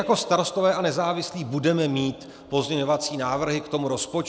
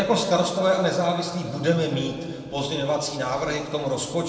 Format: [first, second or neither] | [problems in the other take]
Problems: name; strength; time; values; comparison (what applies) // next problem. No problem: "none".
first | room echo; dies away in 2 s